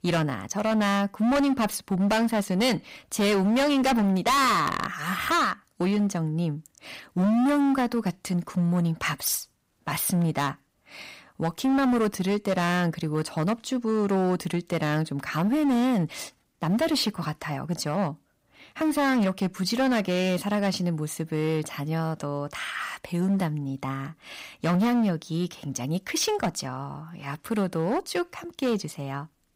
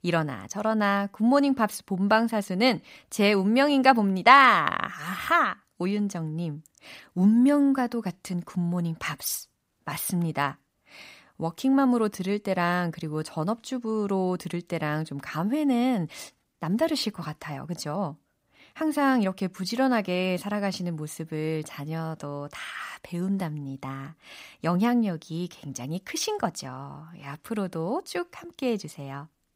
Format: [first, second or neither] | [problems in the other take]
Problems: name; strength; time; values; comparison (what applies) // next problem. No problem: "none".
second | distortion; heavy; 14% of the sound clipped